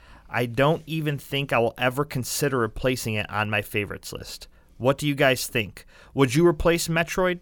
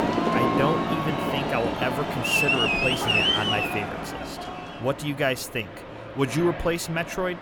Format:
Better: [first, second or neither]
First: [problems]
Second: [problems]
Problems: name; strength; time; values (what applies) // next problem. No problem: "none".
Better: first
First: none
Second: train or aircraft noise; very loud; throughout; 4 dB above the speech